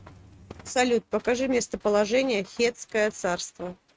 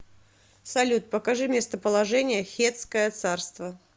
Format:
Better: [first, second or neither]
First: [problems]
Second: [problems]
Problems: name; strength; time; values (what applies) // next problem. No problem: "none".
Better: second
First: noise reduction (neural mask model RNNoise)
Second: none